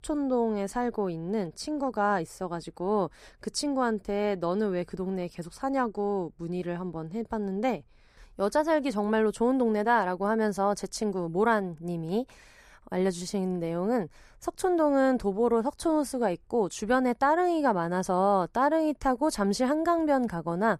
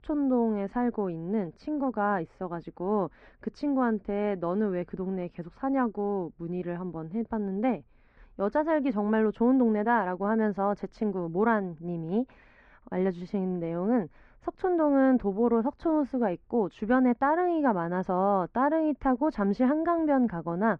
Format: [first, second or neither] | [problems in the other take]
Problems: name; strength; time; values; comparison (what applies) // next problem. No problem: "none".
first | muffled; very; fading above 2.5 kHz